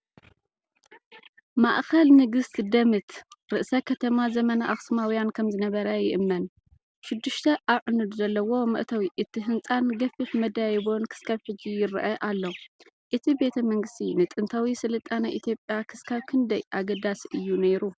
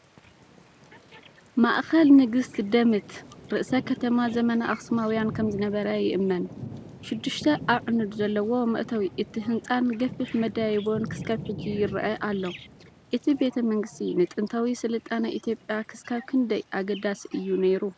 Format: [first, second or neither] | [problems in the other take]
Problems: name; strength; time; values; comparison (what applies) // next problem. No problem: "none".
first | background sound (Thunder / Rain); 17 dB below the speech